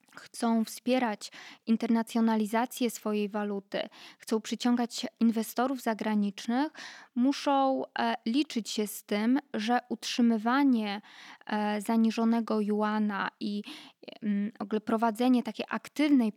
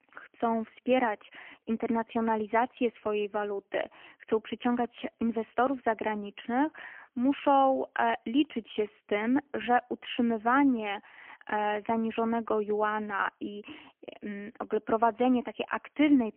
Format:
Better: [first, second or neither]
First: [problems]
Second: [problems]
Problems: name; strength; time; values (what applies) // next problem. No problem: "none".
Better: first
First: none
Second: phone-call audio; poor line; nothing above 3 kHz